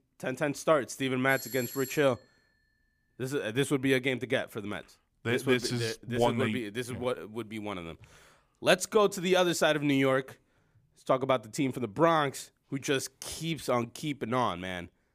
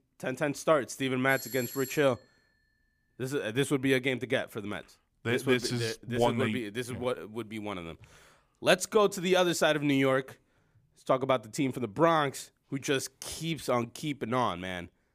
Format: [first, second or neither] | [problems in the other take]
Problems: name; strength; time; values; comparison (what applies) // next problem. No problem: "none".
neither | doorbell; noticeable; at 1.5 s; peak 10 dB below the speech; the same in both